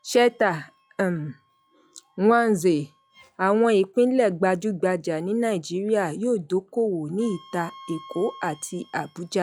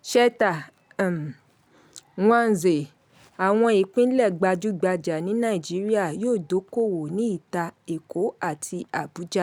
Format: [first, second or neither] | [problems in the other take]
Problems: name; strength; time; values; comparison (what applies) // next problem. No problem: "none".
second | noise reduction (classical method log-MMSE)